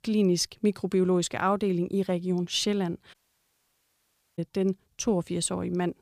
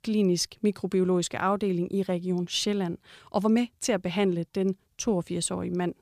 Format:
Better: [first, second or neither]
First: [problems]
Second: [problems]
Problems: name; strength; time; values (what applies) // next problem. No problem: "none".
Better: second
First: audio cutting out; at 3 s for 1 s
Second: none